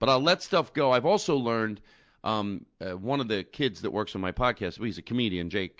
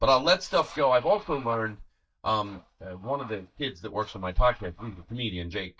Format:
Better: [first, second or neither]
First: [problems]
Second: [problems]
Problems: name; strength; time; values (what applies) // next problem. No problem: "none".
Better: first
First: none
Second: noise reduction (neural mask model DeepFilterNet 3)